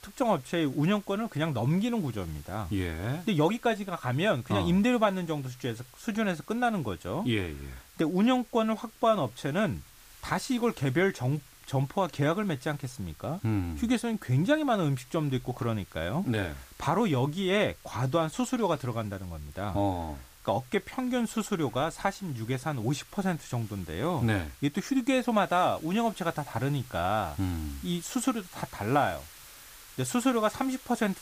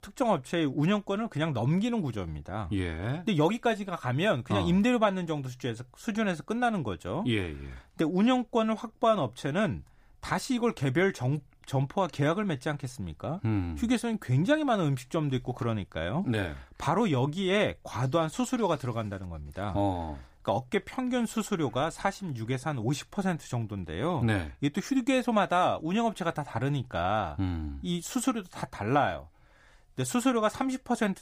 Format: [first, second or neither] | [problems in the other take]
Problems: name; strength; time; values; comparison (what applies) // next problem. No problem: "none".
second | hiss; faint; throughout; 20 dB below the speech